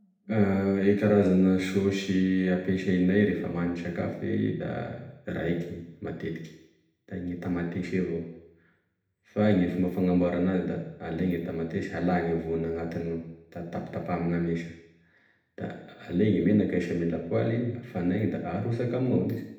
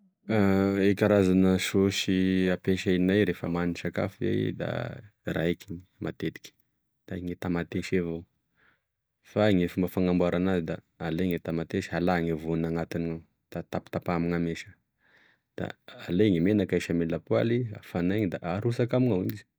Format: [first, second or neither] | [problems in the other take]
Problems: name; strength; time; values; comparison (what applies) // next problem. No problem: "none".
second | room echo; dies away in 0.8 s